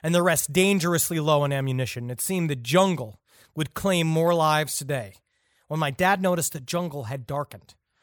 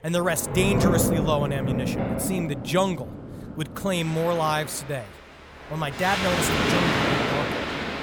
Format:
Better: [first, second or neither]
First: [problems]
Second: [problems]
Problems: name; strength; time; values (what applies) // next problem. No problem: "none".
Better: first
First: none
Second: rain or running water; very loud; throughout; 1 dB above the speech